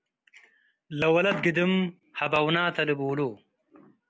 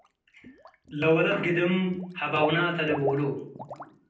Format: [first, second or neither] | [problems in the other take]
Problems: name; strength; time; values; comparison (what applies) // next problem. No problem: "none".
first | background sound (Water / Liquid); 12 dB below the speech // room echo; dies away in 0.6 s